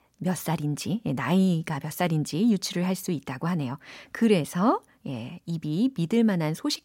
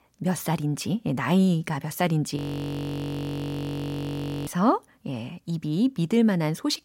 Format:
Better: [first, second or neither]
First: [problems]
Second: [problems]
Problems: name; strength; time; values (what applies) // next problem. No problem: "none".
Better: first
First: none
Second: audio freezing; at 2.5 s for 2 s